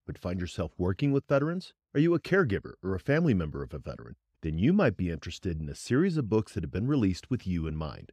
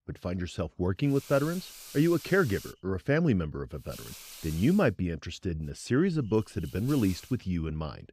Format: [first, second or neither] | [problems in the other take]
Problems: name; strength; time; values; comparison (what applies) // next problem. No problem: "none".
first | hiss; noticeable; from 1 to 3 s, at 4 s and from 6 to 7.5 s; 15 dB below the speech